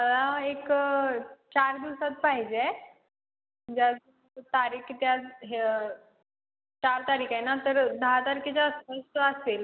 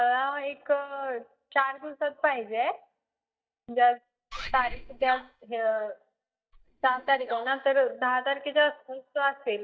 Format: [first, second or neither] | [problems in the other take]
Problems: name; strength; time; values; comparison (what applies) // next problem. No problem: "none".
first | noise reduction (neural mask model DeepFilterNet 3)